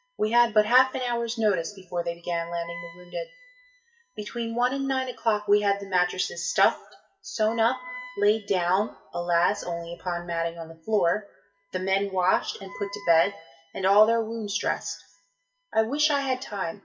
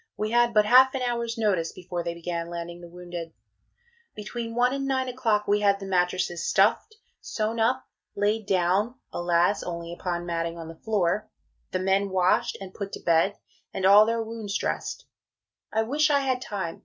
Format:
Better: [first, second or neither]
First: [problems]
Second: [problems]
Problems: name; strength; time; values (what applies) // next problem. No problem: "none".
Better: second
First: noise reduction (classical method WPE with log-MMSE)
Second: none